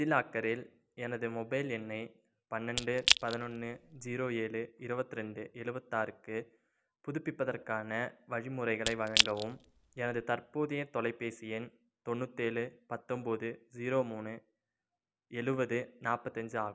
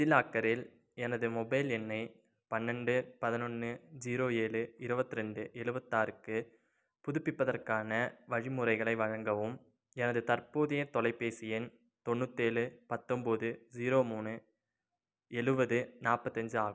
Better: second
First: background sound (Crack / Crushing); 3 dB above the speech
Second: none

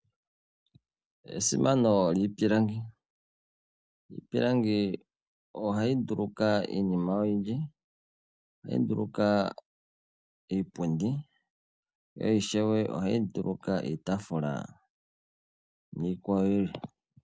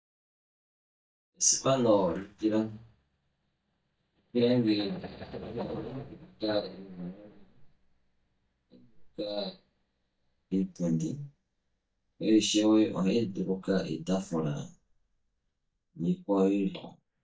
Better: first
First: none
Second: noise reduction (neural mask model DeepFilterNet 3)

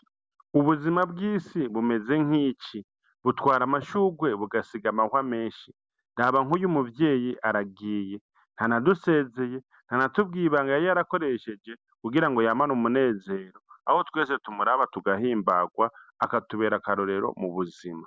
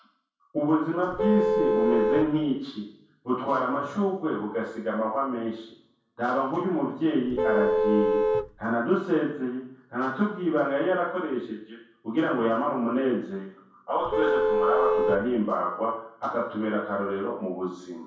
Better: first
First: none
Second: background sound (Vehicle horn, car horn, honking); 3 dB above the speech // room echo; dies away in 0.6 s

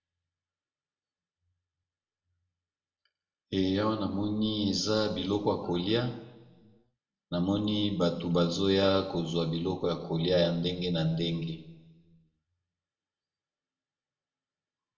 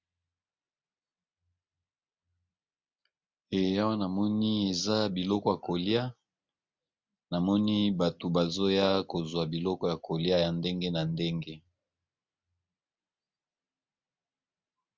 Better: second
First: room echo; dies away in 0.8 s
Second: none

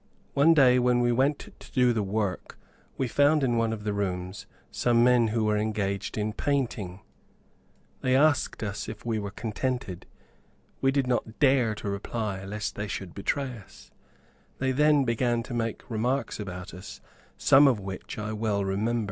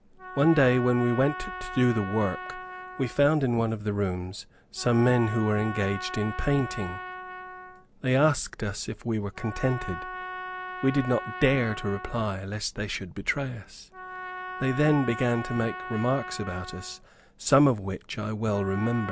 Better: first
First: none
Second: background sound (Trumpet); 12 dB below the speech

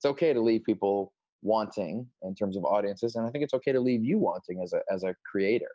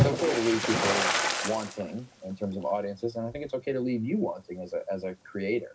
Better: first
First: none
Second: background sound (Splash, splatter); 1 dB below the speech // room echo; dies away in 0.4 s

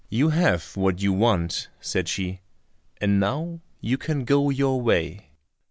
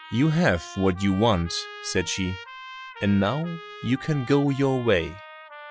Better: first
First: none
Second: noise reduction (classical method Wiener filter)

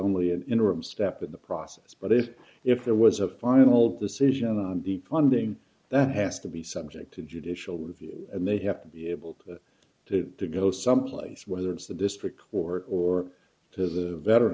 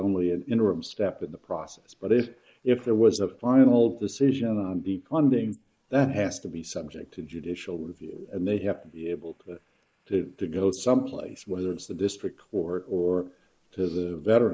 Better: first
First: none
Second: noise reduction (neural mask model Resemble Enhance denoiser)

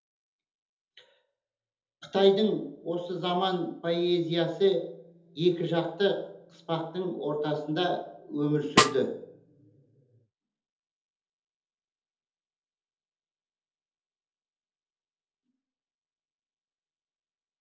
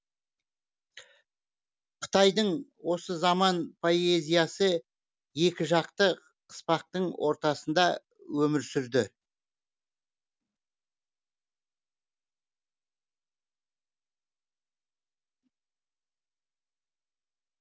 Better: second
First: background sound (Snare drum); 3 dB above the speech // room echo; dies away in 1.2 s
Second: none

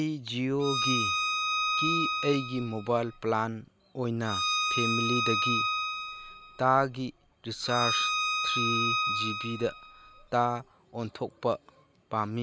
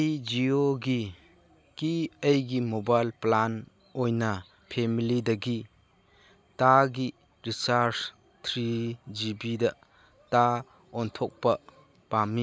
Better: second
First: background sound (Bowed string instrument); 1 dB above the speech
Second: none

